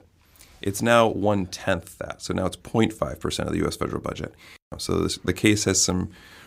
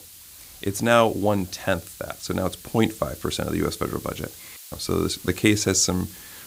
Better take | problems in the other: first | hiss; noticeable; throughout; 15 dB below the speech

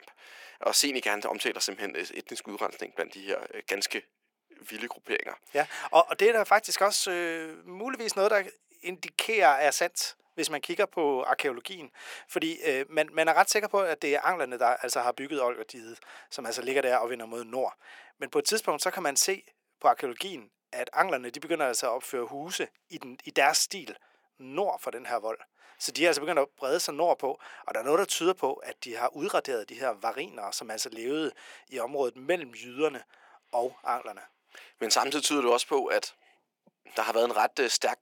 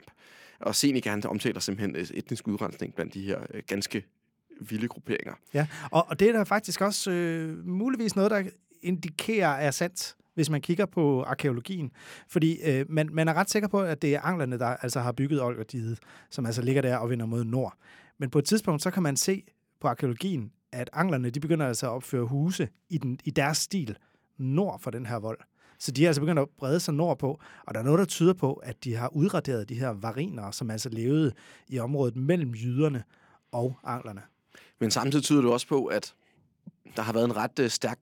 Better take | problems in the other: second | thin; very; fading below 450 Hz

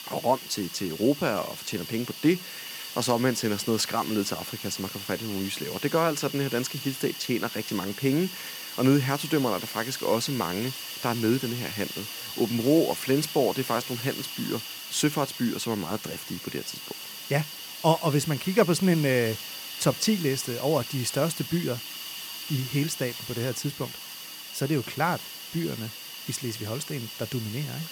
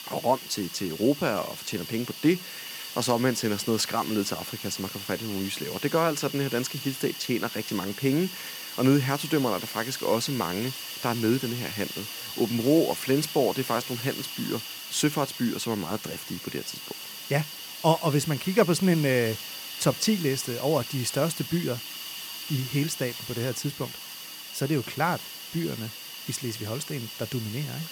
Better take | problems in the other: neither | hiss; loud; throughout; 8 dB below the speech; the same in both

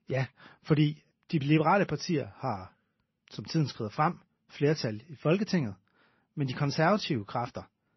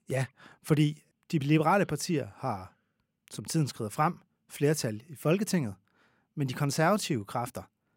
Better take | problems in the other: second | garbled, watery; slightly; nothing above 6 kHz

